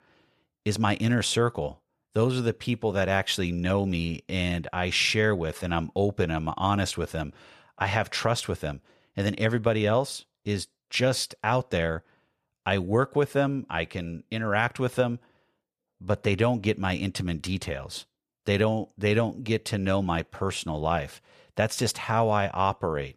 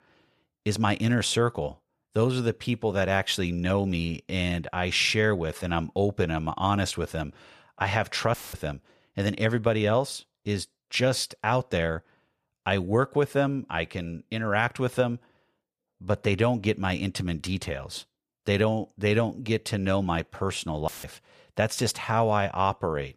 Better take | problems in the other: first | audio cutting out; filled with static; at 8.5 s and at 21 s

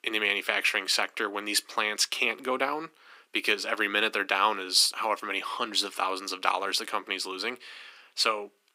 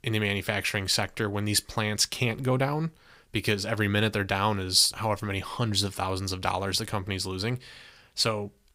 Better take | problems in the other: second | thin; very; fading below 300 Hz

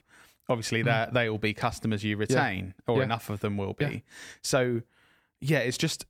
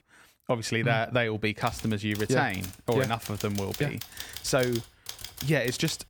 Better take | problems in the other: first | keyboard typing; noticeable; from 1.5 s on; peak 9 dB below the speech

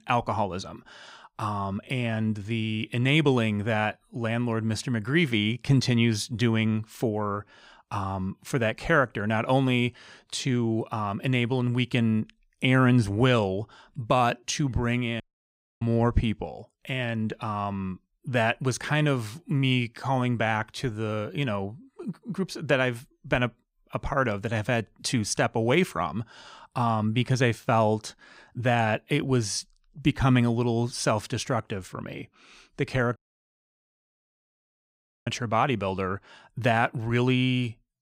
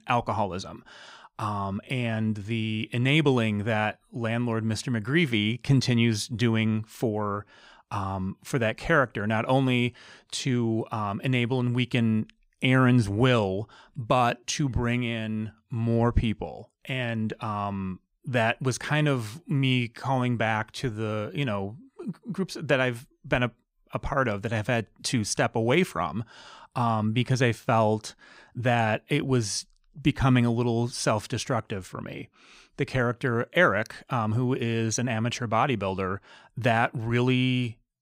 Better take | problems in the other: second | audio cutting out; at 15 s for 0.5 s and at 33 s for 2 s

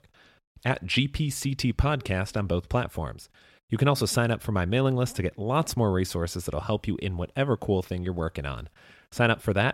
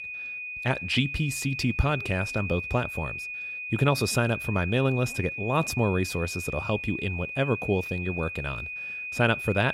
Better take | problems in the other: first | high-pitched whine; loud; throughout; 2.5 kHz, 6 dB below the speech

